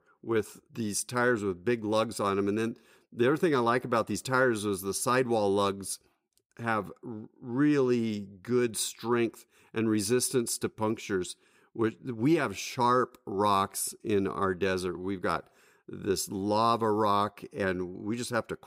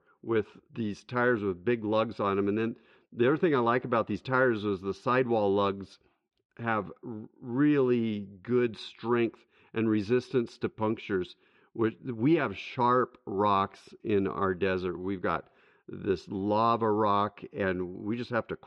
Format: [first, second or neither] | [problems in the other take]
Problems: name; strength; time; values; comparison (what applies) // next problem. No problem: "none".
first | muffled; very; fading above 3.5 kHz